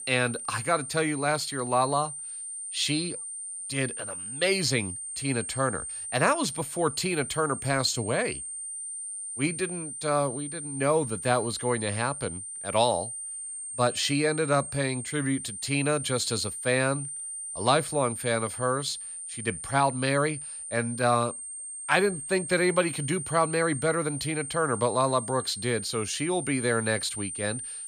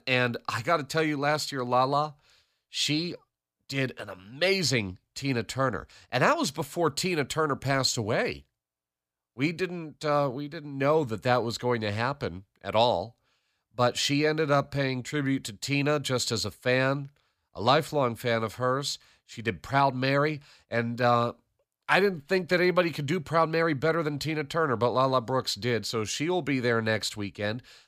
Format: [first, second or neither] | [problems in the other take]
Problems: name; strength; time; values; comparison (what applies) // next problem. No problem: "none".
second | high-pitched whine; loud; throughout; 8.5 kHz, 7 dB below the speech